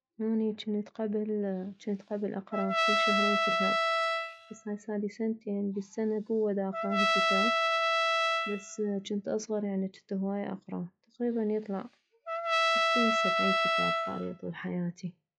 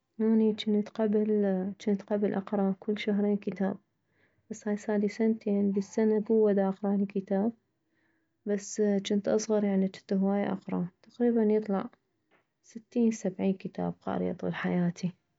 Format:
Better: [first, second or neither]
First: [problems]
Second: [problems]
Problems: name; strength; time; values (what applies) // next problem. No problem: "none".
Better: second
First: noise reduction (classical method log-MMSE)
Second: none